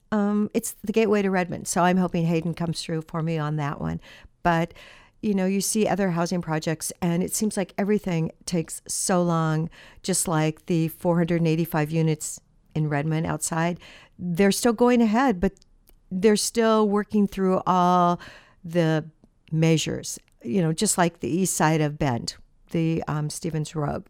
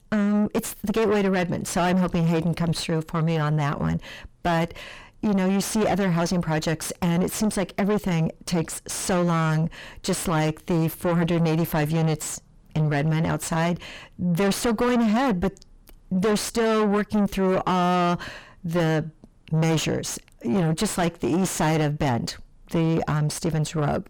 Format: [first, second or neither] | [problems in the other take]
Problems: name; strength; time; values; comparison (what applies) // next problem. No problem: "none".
first | distortion; heavy; 4 dB below the speech